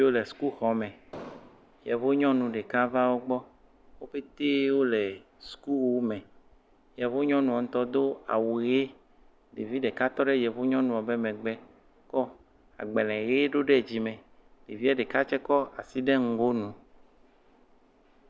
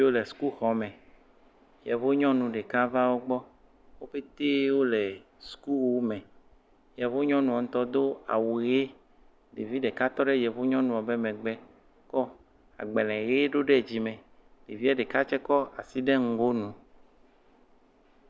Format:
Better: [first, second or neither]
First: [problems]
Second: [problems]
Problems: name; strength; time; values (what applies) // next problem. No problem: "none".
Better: second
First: background sound (Explosion); 16 dB below the speech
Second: none